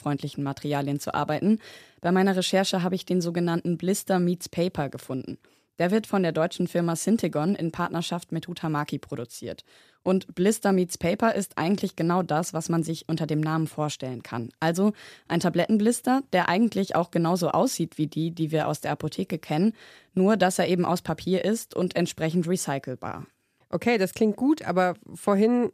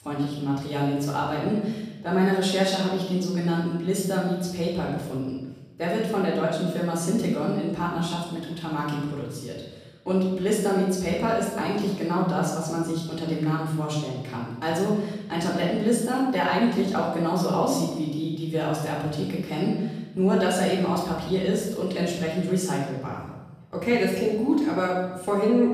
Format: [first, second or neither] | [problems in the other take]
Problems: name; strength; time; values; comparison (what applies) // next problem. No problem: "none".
first | off-mic speech; far // room echo; noticeable; dies away in 1 s